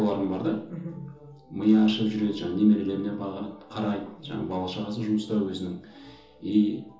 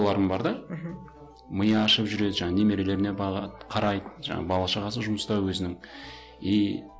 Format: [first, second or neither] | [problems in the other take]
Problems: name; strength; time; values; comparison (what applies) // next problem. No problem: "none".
second | room echo; dies away in 0.7 s